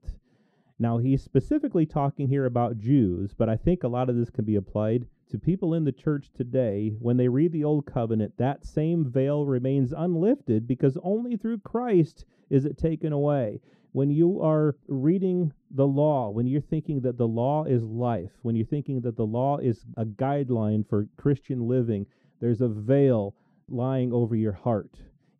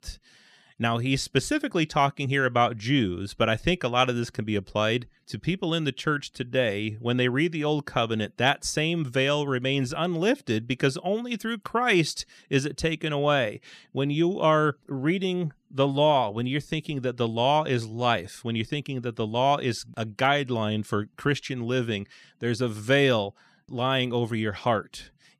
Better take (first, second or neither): second